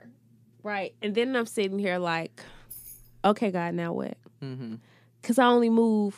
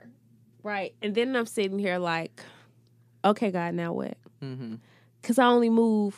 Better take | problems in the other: second | jangling keys; faint; at 2.5 s; peak 15 dB below the speech

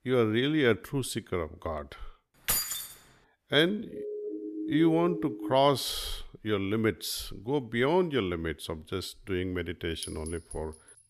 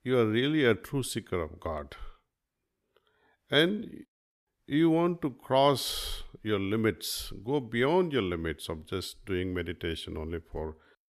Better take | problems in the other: second | jangling keys; loud; at 2.5 s; peak 2 dB above the speech // siren; noticeable; from 4 to 5.5 s; peak 4 dB below the speech // clattering dishes; faint; at 10 s; peak 10 dB below the speech

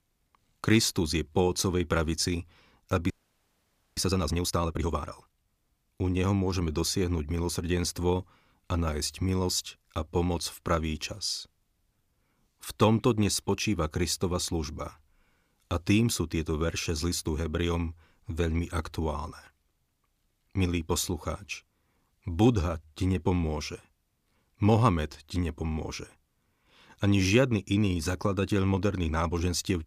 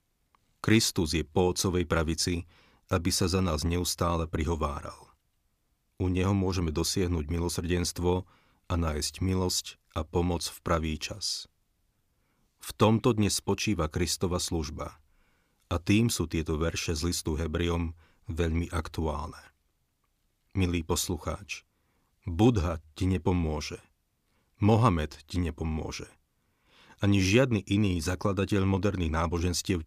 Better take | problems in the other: second | audio freezing; at 3 s for 1 s

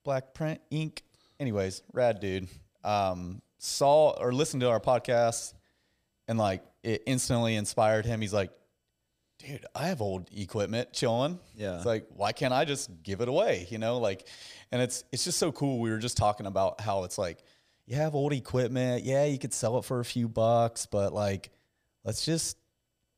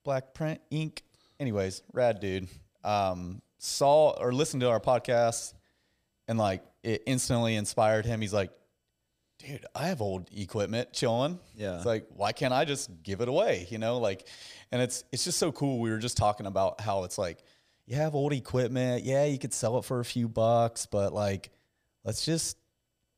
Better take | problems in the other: neither | none

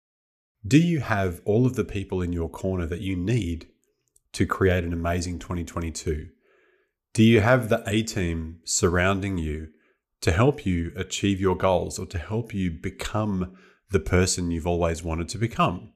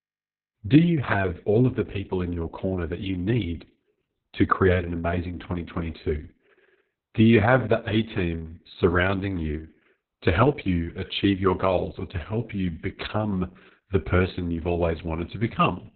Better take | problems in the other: first | garbled, watery; badly; nothing above 4 kHz

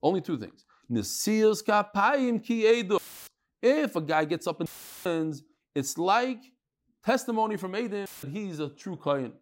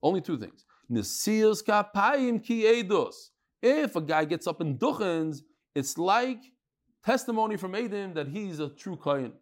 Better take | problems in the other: second | audio cutting out; filled with static; at 3 s, at 4.5 s and at 8 s

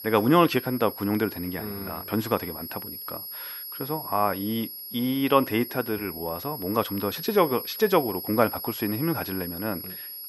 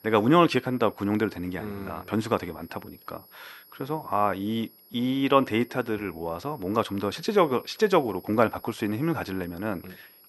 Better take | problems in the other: second | high-pitched whine; loud; throughout; 11.5 kHz, 9 dB below the speech; faint in the second

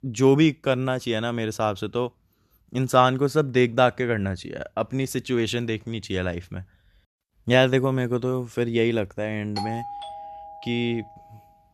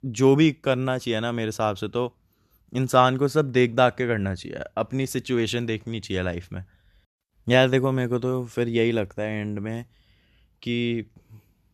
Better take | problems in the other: second | doorbell; noticeable; from 9.5 to 11 s; peak 8 dB below the speech

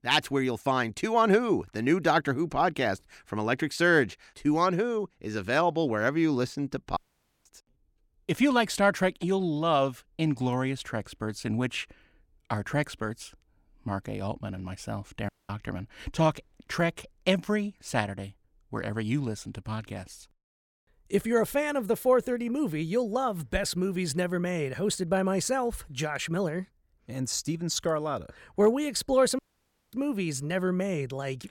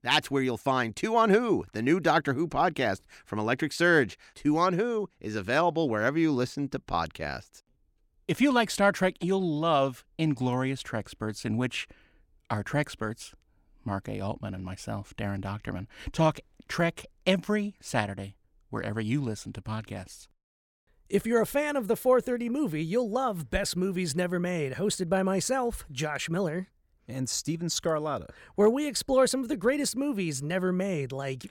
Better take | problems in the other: second | audio cutting out; at 7 s, at 15 s and at 29 s for 0.5 s

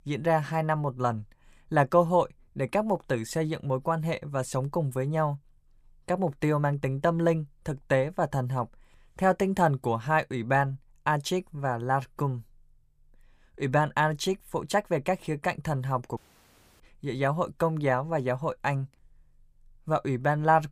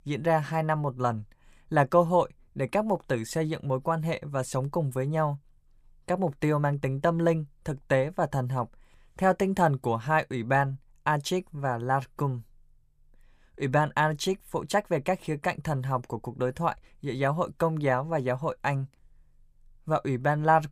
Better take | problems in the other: second | audio cutting out; at 16 s for 0.5 s

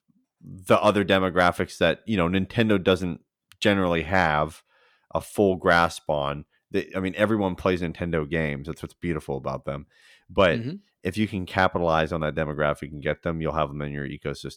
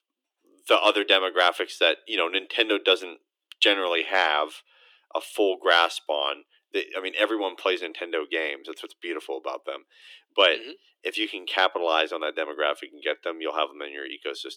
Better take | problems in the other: first | thin; very; fading below 300 Hz

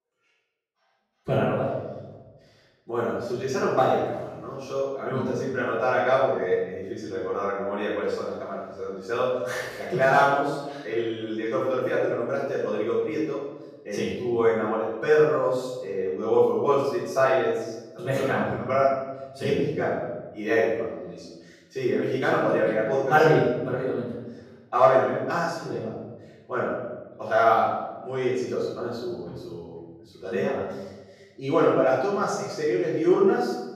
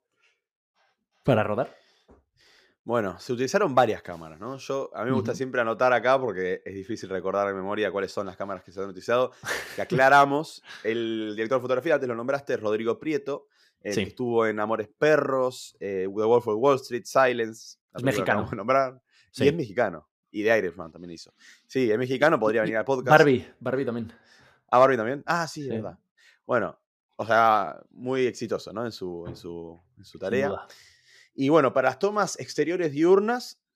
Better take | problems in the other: second | room echo; strong; dies away in 1 s // off-mic speech; far

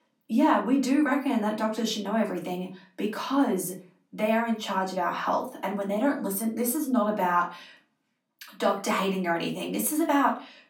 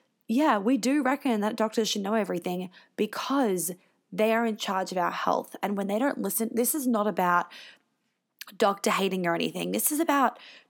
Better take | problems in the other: second | off-mic speech; far // room echo; very slight; dies away in 0.3 s

